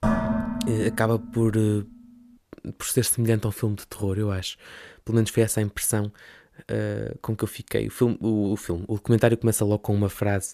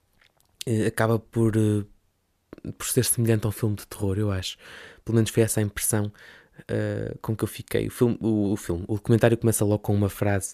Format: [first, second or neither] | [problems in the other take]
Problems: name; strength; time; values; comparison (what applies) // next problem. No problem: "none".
second | clattering dishes; loud; until 1.5 s; peak 1 dB above the speech